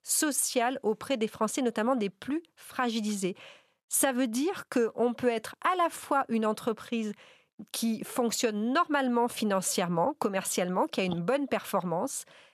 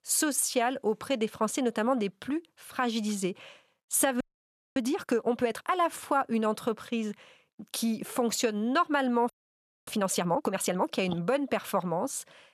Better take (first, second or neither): first